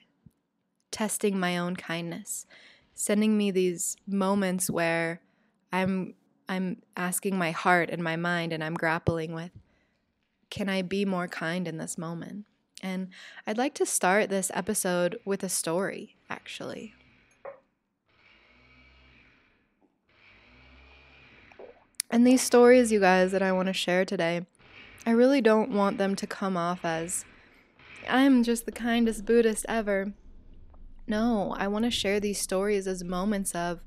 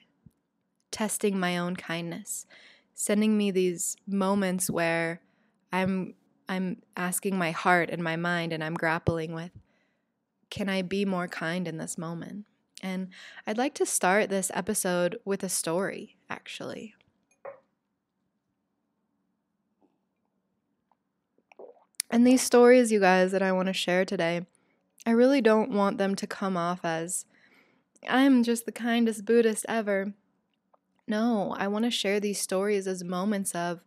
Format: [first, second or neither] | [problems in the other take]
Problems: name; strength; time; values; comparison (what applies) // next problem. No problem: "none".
second | household noises; faint; throughout; 25 dB below the speech